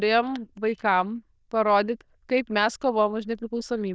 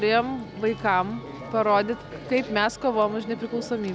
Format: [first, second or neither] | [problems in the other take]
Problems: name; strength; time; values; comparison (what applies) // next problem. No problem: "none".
second | noise reduction (neural diffusion model UNIVERSE++)